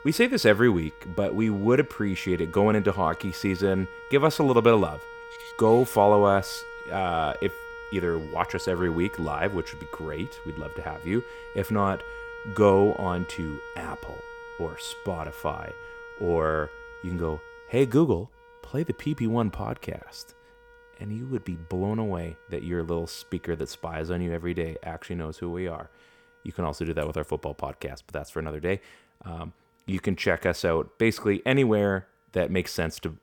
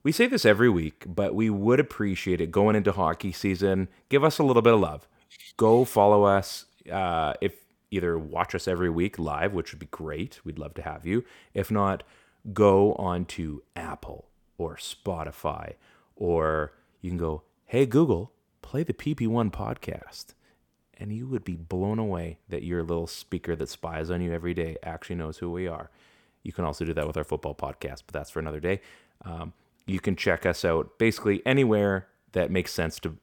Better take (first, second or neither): second